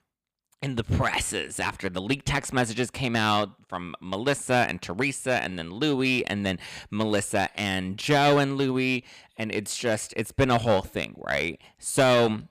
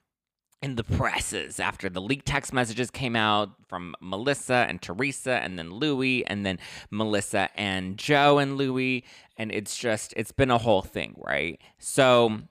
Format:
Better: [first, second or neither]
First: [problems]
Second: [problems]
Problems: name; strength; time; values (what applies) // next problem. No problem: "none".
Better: second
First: distortion; slight; 3% of the sound clipped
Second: none